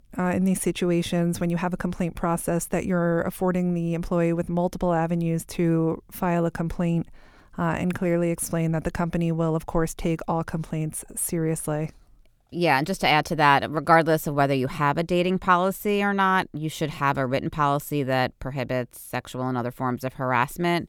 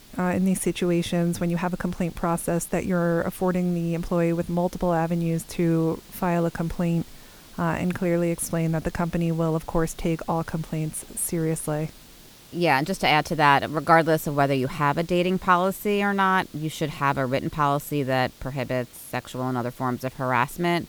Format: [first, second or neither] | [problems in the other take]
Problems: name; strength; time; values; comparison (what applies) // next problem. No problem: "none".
first | hiss; faint; throughout; 25 dB below the speech